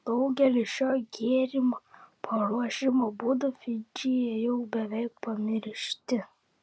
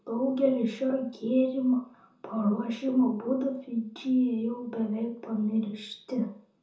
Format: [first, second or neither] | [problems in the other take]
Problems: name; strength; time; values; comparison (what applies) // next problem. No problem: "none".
first | room echo; dies away in 0.5 s